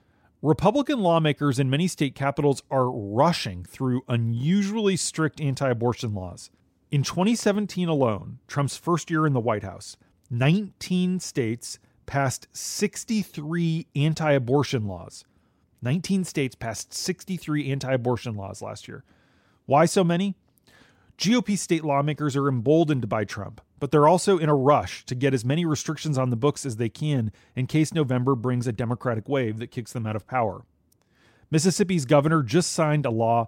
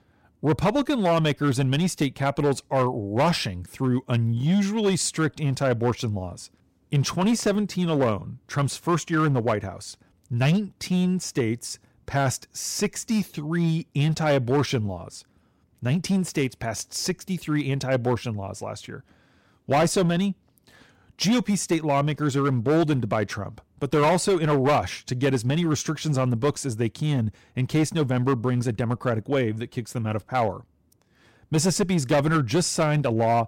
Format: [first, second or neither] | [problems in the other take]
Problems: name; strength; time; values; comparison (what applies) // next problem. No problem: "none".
first | distortion; slight; 7% of the sound clipped